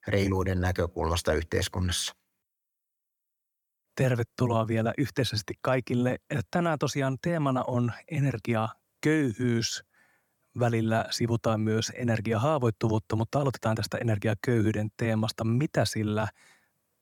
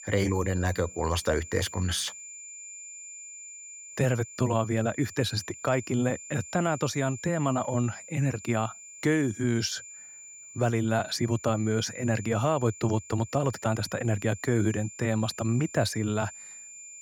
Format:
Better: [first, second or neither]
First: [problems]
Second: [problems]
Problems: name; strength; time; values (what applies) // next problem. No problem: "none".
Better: first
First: none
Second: high-pitched whine; noticeable; throughout; 7 kHz, 15 dB below the speech